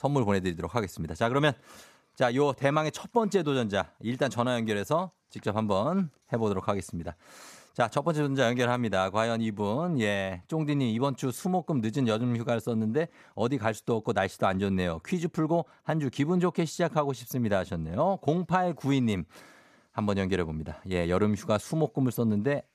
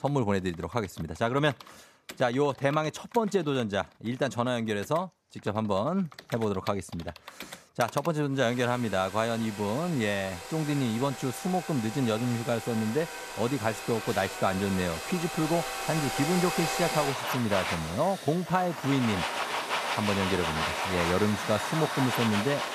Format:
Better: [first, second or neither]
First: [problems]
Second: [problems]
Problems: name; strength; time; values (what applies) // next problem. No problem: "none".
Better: first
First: none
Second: household noises; loud; throughout; 4 dB below the speech